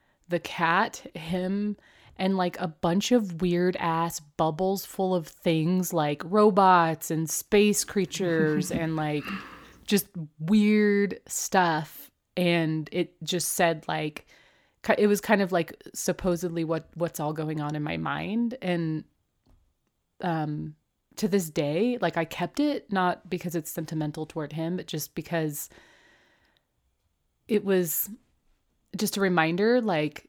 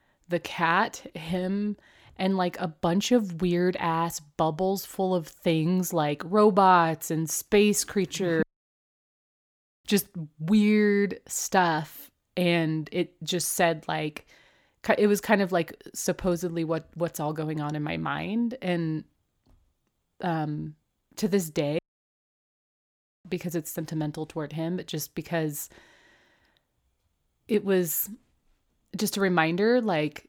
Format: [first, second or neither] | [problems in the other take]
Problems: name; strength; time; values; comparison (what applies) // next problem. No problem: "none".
first | audio cutting out; at 8.5 s for 1.5 s and at 22 s for 1.5 s